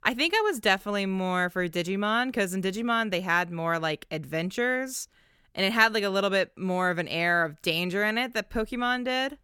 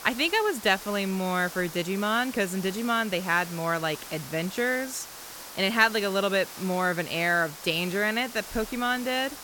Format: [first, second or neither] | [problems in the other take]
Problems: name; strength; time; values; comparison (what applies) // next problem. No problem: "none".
first | hiss; noticeable; throughout; 15 dB below the speech